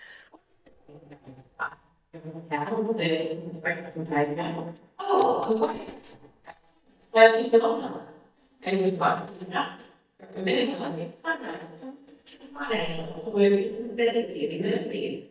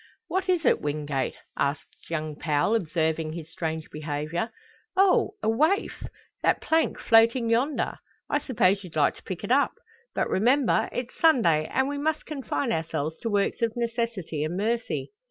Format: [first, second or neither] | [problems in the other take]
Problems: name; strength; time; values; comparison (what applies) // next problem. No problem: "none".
second | noise reduction (neural mask model DeepFilterNet 3)